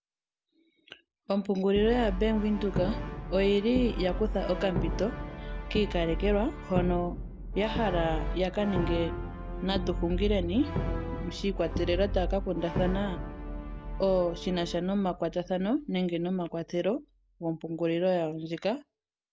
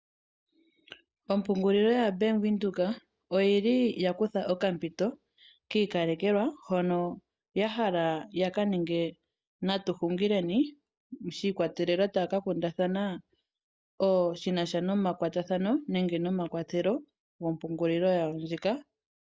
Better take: second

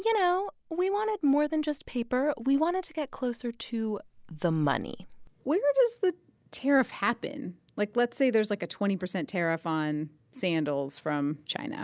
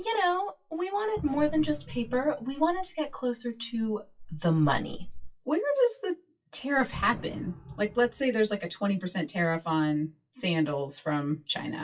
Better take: first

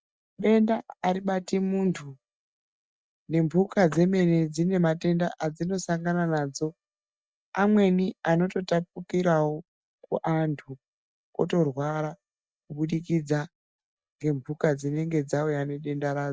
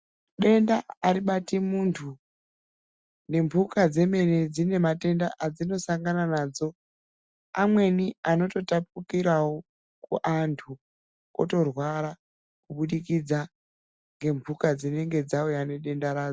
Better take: second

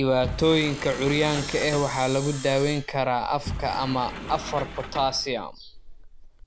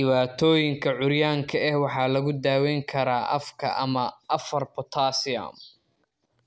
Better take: second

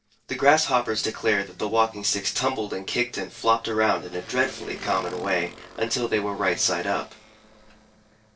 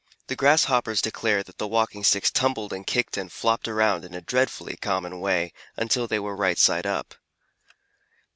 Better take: second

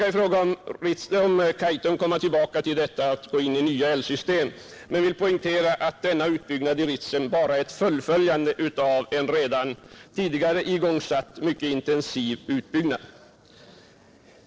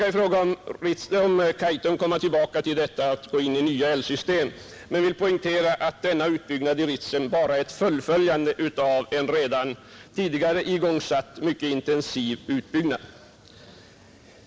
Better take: second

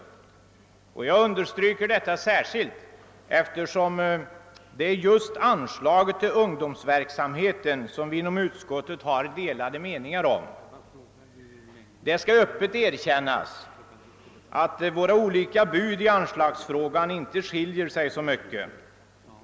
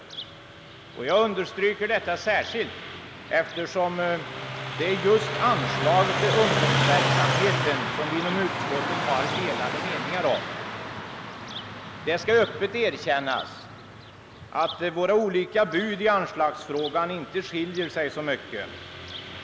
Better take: first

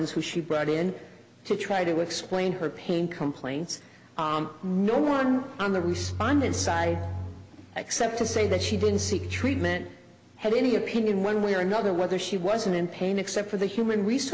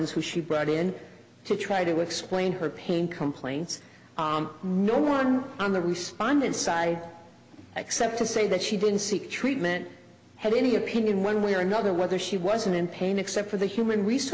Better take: second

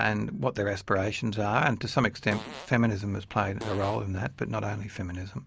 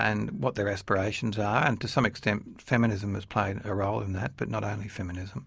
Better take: second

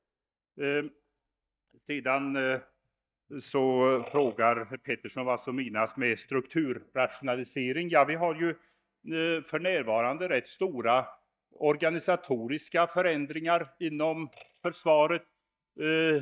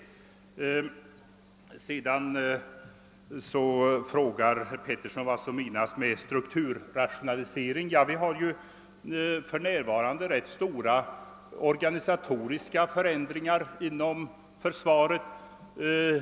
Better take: second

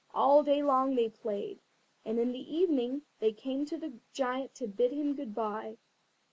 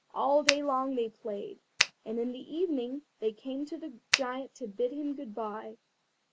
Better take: first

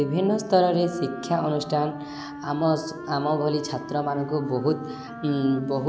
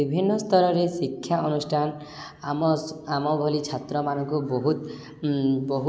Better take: second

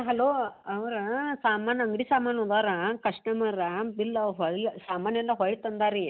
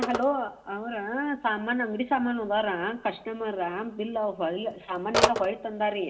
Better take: first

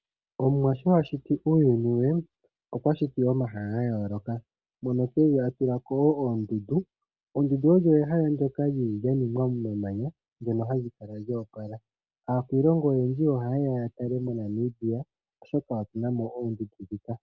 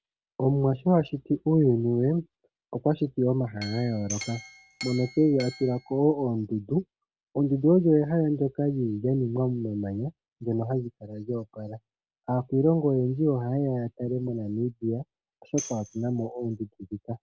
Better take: first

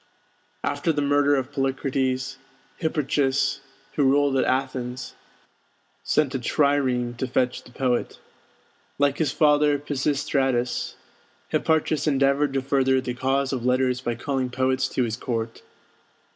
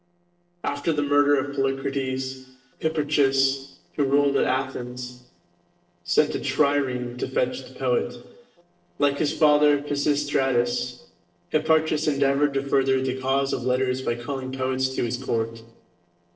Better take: first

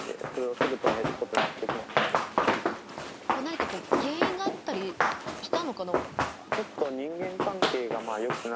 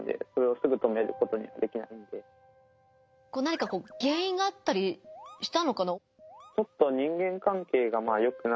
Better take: second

